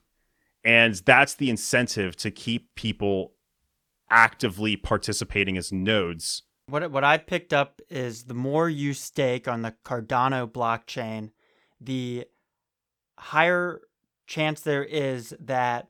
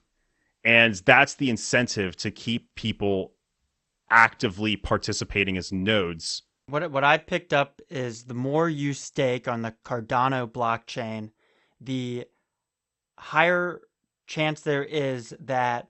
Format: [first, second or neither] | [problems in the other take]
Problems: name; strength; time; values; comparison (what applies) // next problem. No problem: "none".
first | garbled, watery; slightly; nothing above 8 kHz